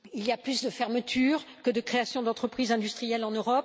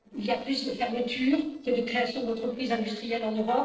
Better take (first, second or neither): first